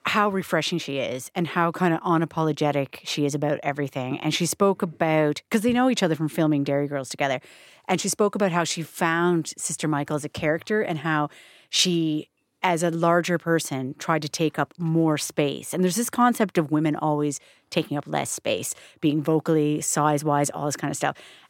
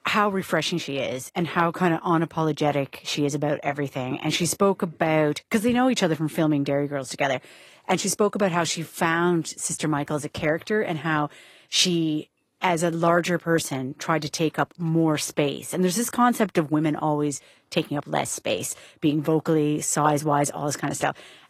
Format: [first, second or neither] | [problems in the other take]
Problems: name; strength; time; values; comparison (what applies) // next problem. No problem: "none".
first | garbled, watery; slightly; nothing above 14.5 kHz